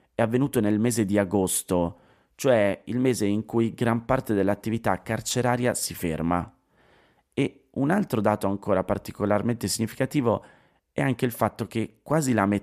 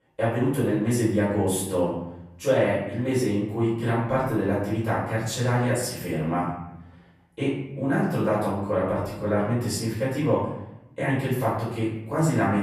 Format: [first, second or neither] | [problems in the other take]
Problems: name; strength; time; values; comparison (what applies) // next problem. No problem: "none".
first | off-mic speech; far // room echo; noticeable; dies away in 0.8 s